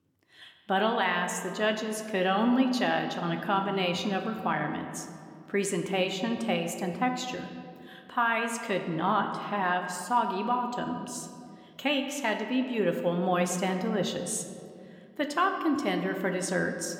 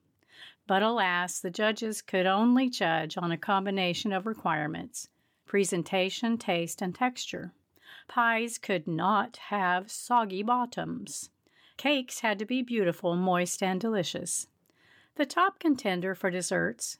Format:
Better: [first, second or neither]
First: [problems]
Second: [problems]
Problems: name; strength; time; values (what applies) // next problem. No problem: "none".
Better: second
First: room echo; slight; dies away in 1.7 s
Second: none